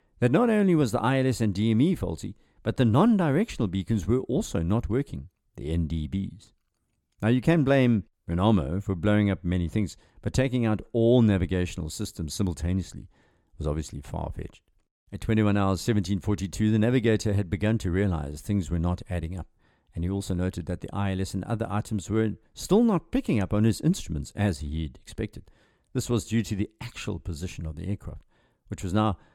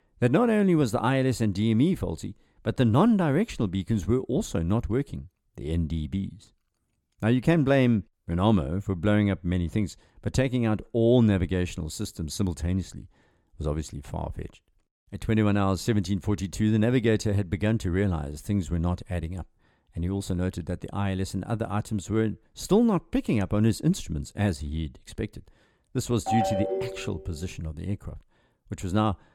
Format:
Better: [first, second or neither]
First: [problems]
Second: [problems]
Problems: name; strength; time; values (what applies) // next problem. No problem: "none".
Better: first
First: none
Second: phone ringing; noticeable; at 26 s; peak level with the speech